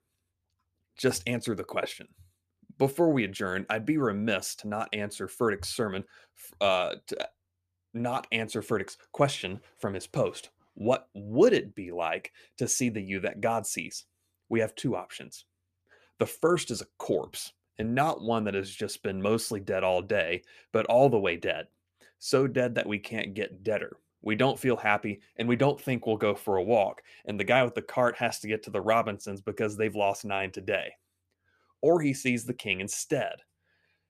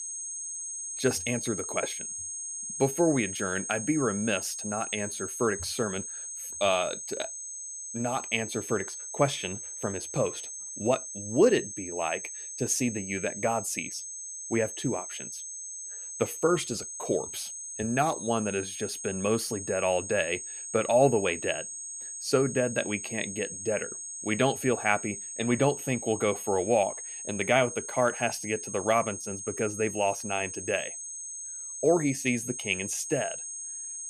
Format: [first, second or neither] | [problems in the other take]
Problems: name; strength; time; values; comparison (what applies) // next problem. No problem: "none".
first | high-pitched whine; loud; throughout; 6.5 kHz, 7 dB below the speech